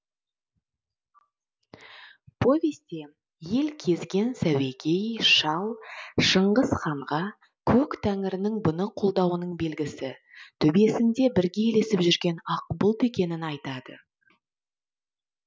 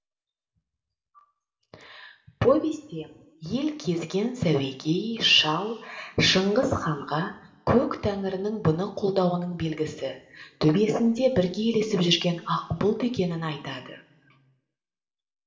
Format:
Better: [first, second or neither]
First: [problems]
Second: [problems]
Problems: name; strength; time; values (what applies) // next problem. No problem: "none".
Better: first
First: none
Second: room echo; dies away in 1.7 s